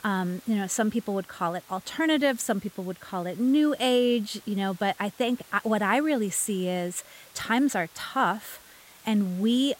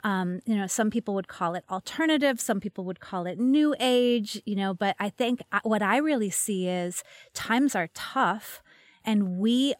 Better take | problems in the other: second | hiss; faint; throughout; 25 dB below the speech

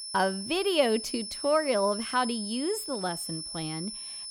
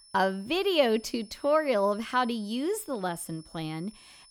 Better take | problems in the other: second | high-pitched whine; loud; throughout; 5.5 kHz, 7 dB below the speech; faint in the second

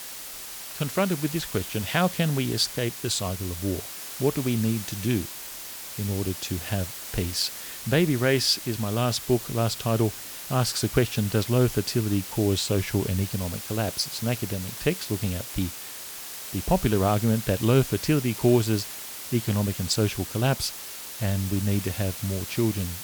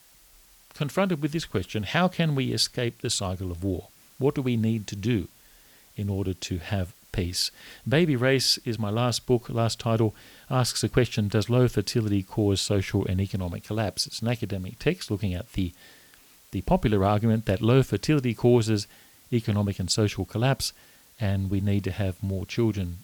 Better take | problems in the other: second | hiss; loud; throughout; 9 dB below the speech; faint in the second

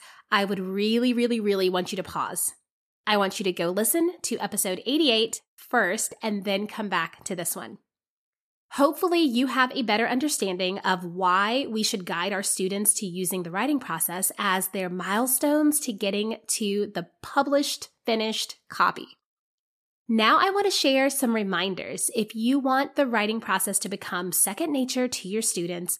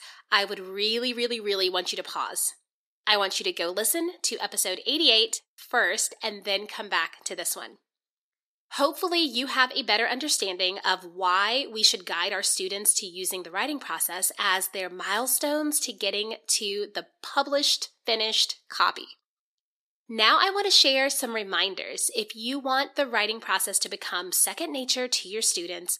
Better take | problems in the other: first | thin; somewhat; fading below 350 Hz

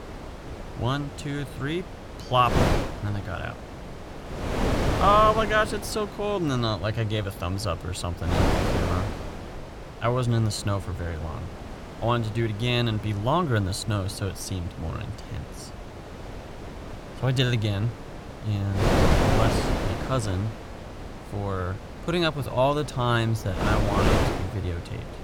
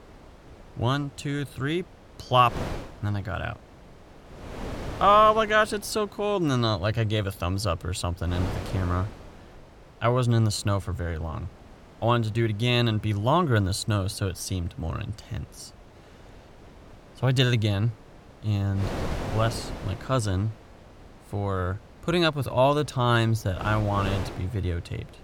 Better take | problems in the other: second | wind noise on the microphone; heavy; 6 dB below the speech; occasional gusts in the second

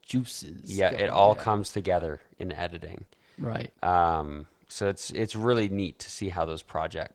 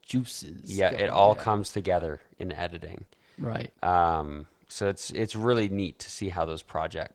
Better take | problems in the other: neither | garbled, watery; slightly; the same in both

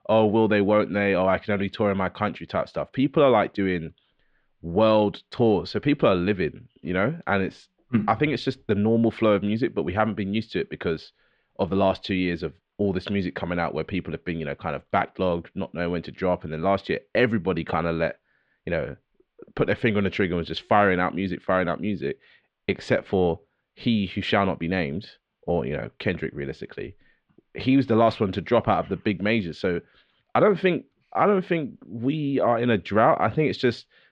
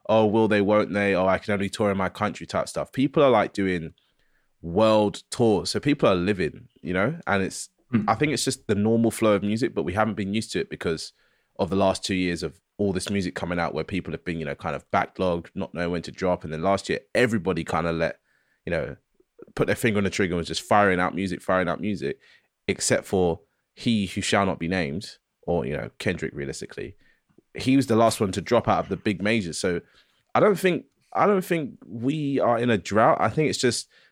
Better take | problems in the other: second | muffled; slightly; fading above 3.5 kHz

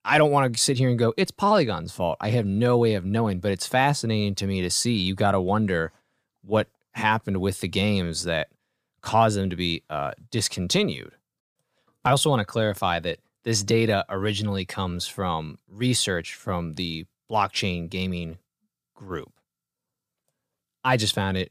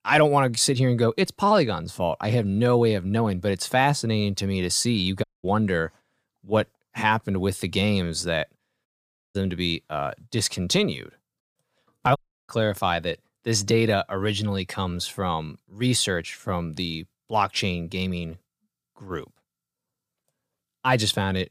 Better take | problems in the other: first | audio cutting out; at 5 s, at 9 s and at 12 s

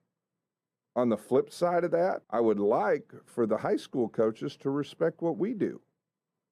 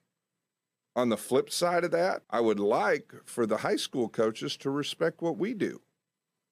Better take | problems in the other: second | muffled; slightly; fading above 1.5 kHz

